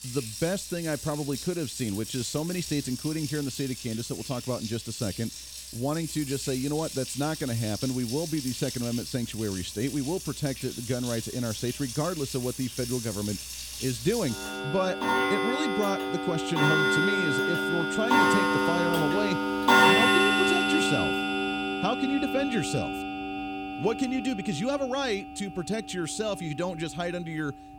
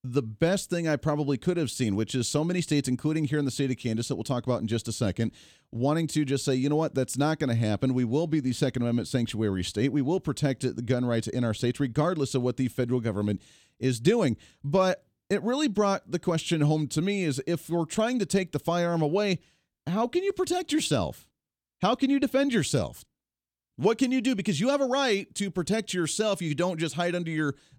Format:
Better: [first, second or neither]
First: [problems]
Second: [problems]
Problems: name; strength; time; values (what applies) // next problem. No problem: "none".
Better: second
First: household noises; very loud; throughout; 2 dB above the speech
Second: none